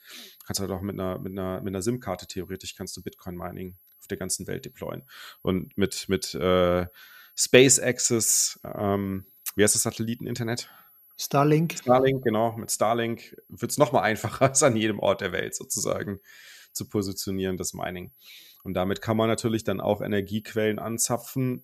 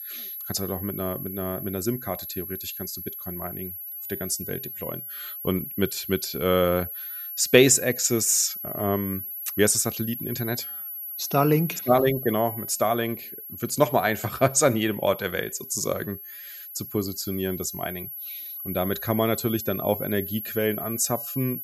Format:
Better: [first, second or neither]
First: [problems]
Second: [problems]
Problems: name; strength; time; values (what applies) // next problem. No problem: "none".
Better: first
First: high-pitched whine; faint; throughout; 11.5 kHz, 30 dB below the speech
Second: high-pitched whine; loud; throughout; 11.5 kHz, 8 dB below the speech